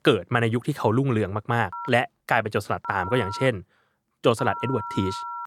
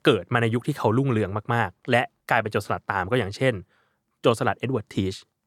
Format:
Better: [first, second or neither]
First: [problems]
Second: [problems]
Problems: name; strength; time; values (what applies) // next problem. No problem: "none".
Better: second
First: phone ringing; noticeable; from 1.5 s on; peak 8 dB below the speech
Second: none